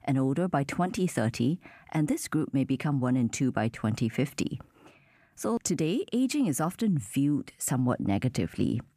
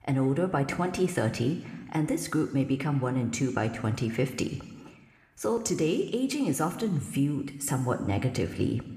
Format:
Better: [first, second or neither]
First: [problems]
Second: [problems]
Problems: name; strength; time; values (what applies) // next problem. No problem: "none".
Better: first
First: none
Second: room echo; very slight; dies away in 1.1 s